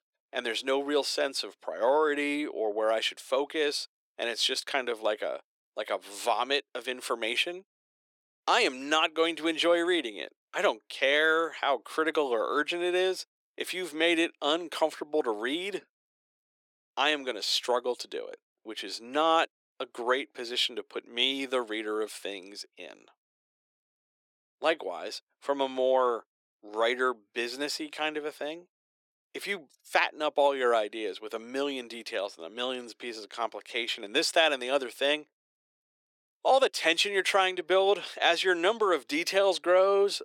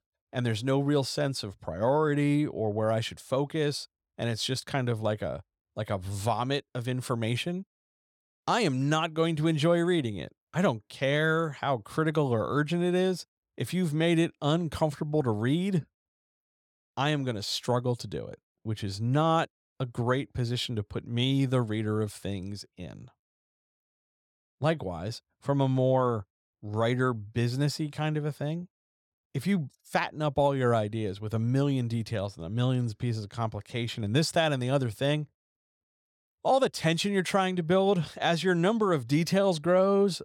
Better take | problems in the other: second | thin; very; fading below 350 Hz

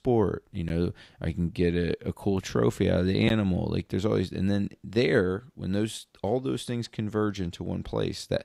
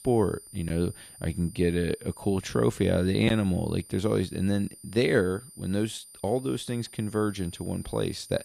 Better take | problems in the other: first | high-pitched whine; noticeable; throughout; 9 kHz, 20 dB below the speech

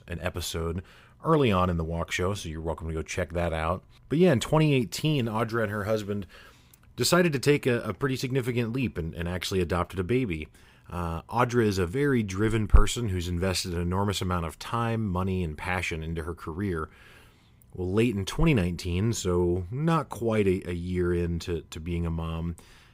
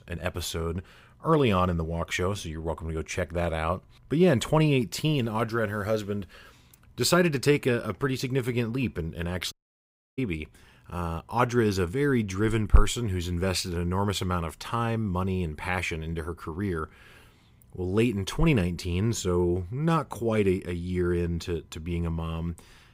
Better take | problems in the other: first | audio cutting out; at 9.5 s for 0.5 s

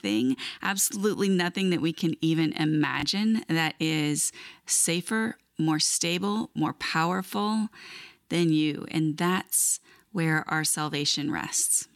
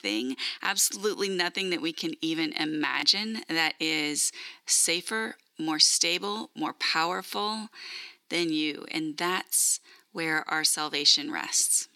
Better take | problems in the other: first | thin; somewhat; fading below 400 Hz

